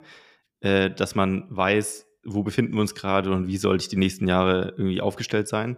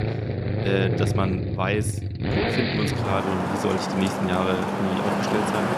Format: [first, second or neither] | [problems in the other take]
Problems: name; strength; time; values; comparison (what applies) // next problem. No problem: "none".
first | traffic noise; very loud; throughout; 2 dB above the speech